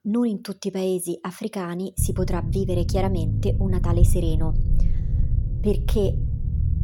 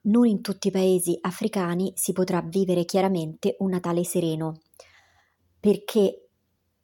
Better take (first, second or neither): second